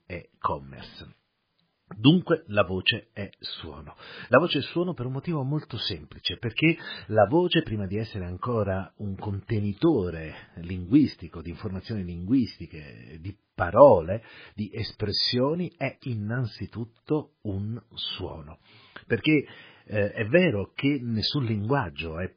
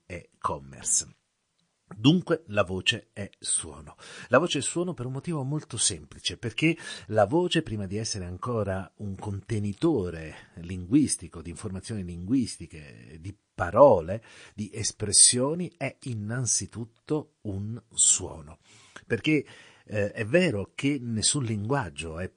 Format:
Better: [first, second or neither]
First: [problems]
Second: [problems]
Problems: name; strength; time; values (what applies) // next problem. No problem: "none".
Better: second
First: garbled, watery; badly; nothing above 5 kHz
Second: garbled, watery; slightly; nothing above 9.5 kHz